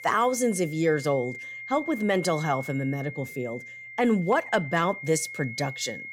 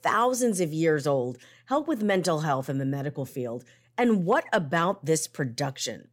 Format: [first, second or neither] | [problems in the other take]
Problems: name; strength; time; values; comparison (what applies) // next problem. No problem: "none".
second | high-pitched whine; noticeable; throughout; 2 kHz, 10 dB below the speech